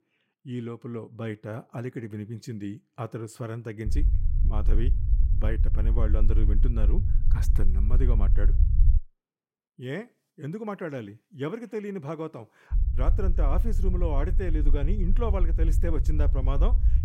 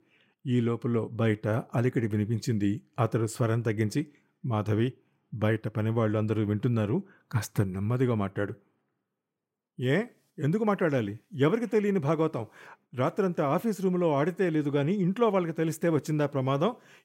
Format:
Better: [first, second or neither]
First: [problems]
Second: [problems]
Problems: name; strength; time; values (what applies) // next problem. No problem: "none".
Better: second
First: low rumble; loud; from 4 to 9 s and from 13 s on; 10 dB below the speech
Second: none